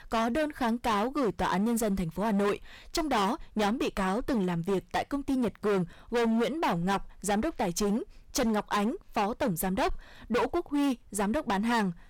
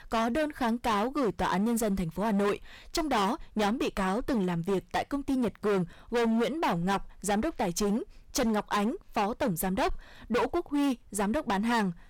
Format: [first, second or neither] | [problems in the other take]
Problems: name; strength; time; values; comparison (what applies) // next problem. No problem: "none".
neither | distortion; heavy; 18% of the sound clipped; the same in both